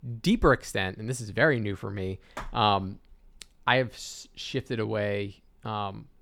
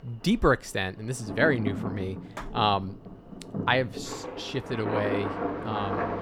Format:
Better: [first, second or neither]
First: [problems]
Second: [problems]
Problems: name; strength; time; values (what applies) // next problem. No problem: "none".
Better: first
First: none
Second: rain or running water; loud; throughout; 6 dB below the speech